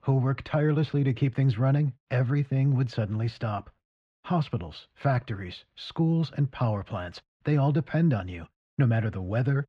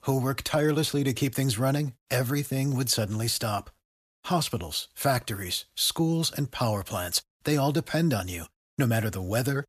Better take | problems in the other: second | muffled; very; fading above 2.5 kHz

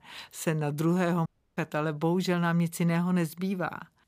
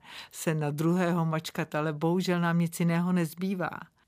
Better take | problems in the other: second | audio cutting out; at 1.5 s

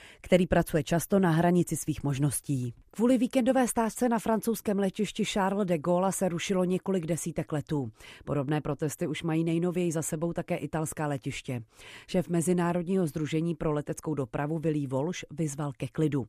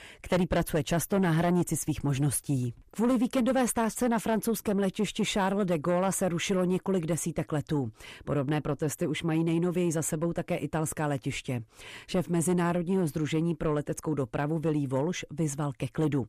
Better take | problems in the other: first | distortion; slight; 10 dB below the speech

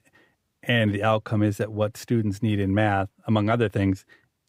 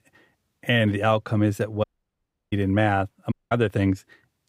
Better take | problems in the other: first | audio cutting out; at 2 s for 0.5 s and at 3.5 s

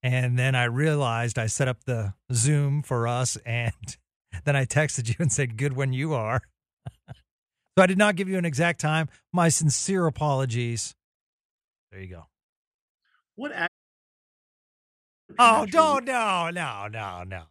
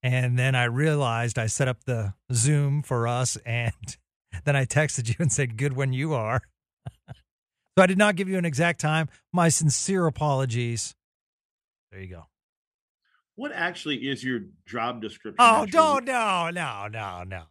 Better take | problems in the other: second | audio cutting out; at 14 s for 1.5 s

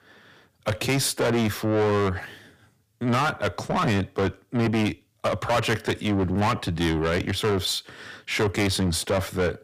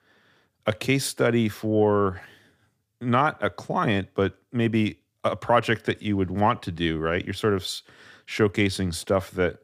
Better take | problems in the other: second | distortion; heavy; 6 dB below the speech

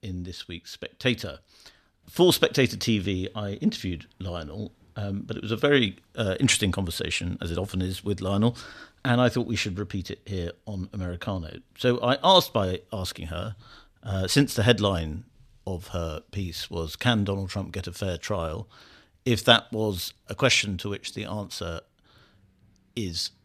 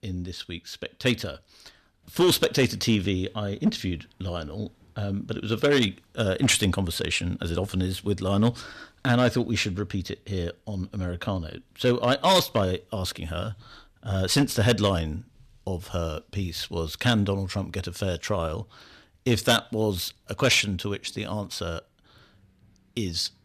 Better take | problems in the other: first | distortion; slight; 1.8% of the sound clipped

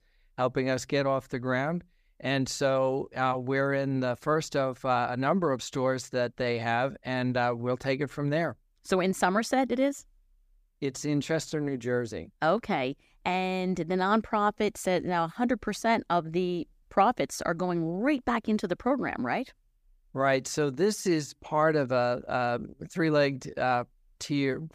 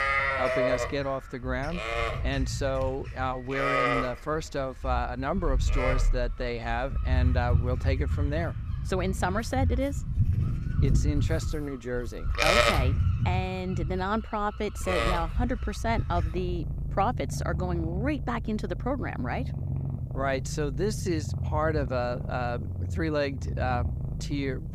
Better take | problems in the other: first | animal sounds; very loud; throughout; 2 dB above the speech

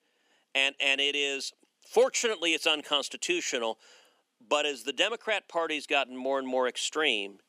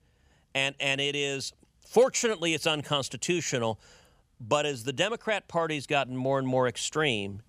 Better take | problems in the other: second | thin; very slightly; fading below 250 Hz

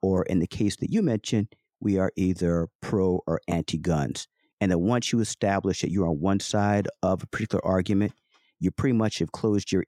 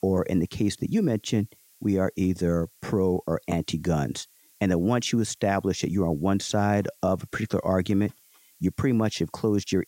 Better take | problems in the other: first | hiss; faint; throughout; 30 dB below the speech

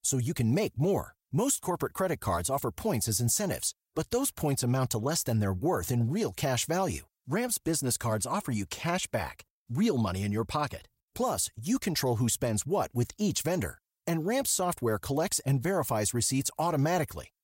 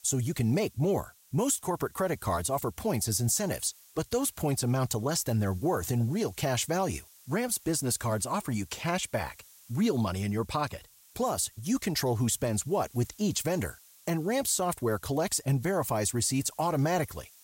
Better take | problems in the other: first | hiss; faint; throughout; 25 dB below the speech

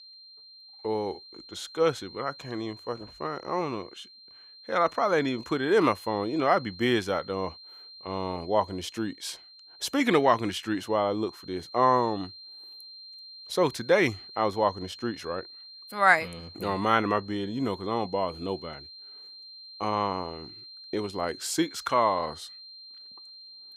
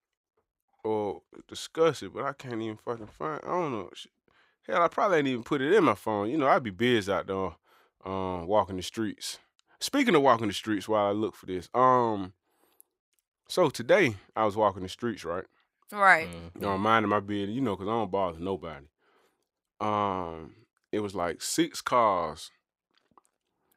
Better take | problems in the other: second | high-pitched whine; noticeable; throughout; 4 kHz, 15 dB below the speech

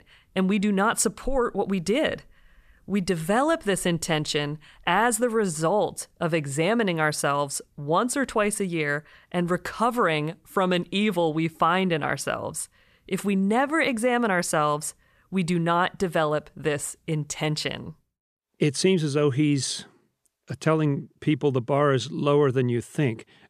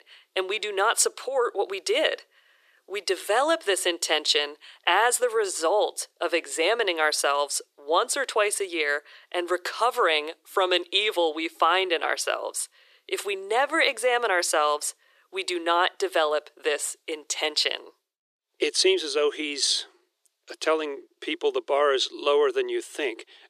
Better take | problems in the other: first | thin; very; fading below 350 Hz

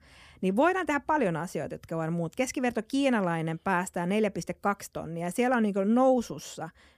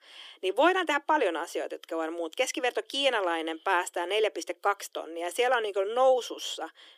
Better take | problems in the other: first | thin; very; fading below 300 Hz

